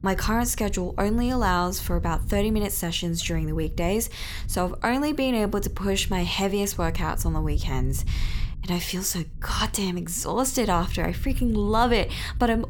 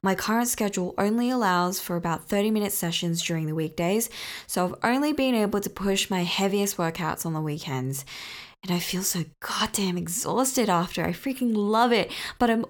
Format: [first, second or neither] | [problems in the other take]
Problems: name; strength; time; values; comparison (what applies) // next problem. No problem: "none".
second | low rumble; faint; throughout; 25 dB below the speech